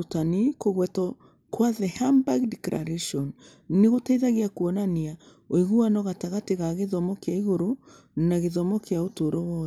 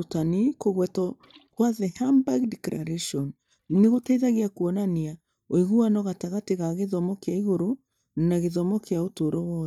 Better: first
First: none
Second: noise reduction (neural mask model DeepFilterNet 3)

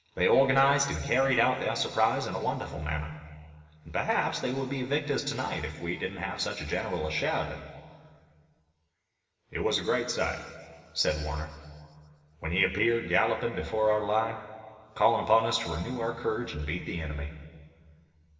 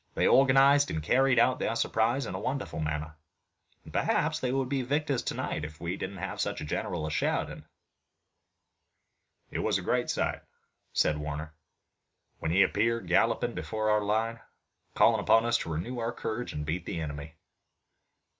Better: second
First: room echo; dies away in 1.9 s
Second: none

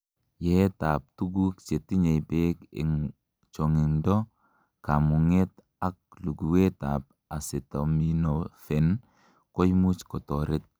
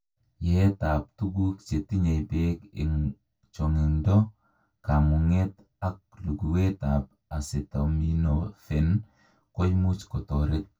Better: first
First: none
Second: room echo; dies away in 0.1 s

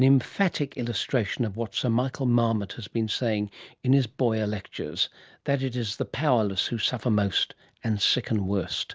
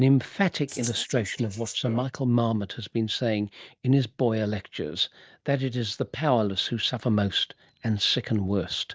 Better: first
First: none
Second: noise reduction (neural mask model DeepFilterNet 3)

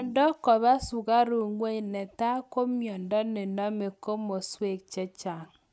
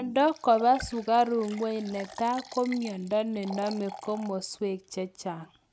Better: first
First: none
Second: background sound (Liquid); 18 dB below the speech

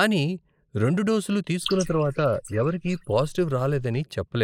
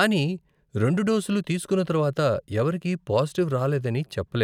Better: second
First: noise reduction (neural mask model Resemble Enhance denoiser)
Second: none

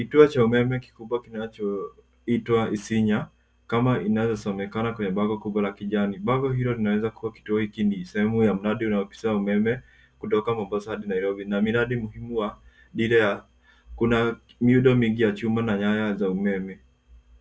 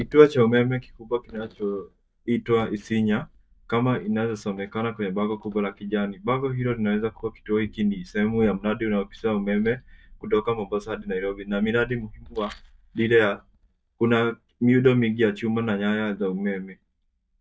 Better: first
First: none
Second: noise reduction (neural mask model DeepFilterNet 3)

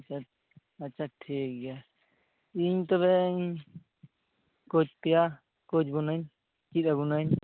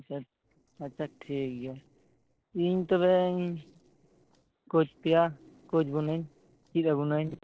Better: first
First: none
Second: noise reduction (neural separator model SepFormer DNS4)

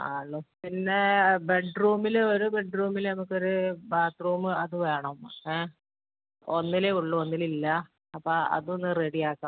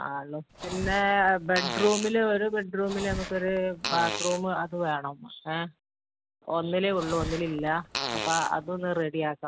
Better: first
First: none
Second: background sound (Fart); 7 dB below the speech

